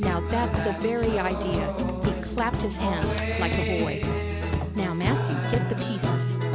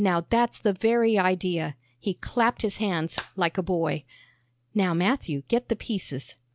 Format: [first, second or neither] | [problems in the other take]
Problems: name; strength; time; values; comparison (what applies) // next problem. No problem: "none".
second | background sound (Guitar); 3 dB above the speech